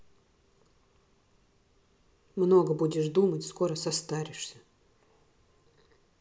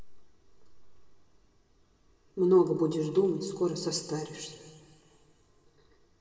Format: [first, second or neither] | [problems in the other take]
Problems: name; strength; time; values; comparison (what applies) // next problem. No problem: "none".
first | room echo; dies away in 2.6 s